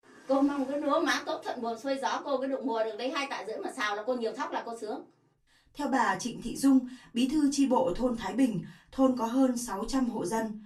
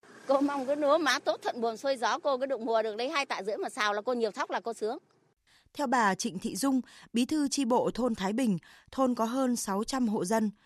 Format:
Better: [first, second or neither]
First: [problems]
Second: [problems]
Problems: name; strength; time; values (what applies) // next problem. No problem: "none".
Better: second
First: off-mic speech; far // room echo; very slight; dies away in 0.2 s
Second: none